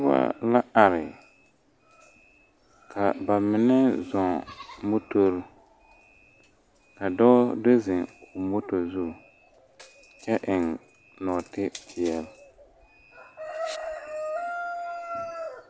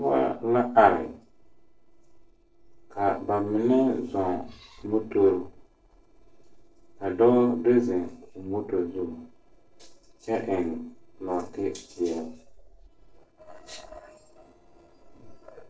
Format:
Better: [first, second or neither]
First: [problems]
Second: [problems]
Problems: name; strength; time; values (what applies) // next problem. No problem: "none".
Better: first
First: none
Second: noise reduction (neural separator model SepFormer DNS4)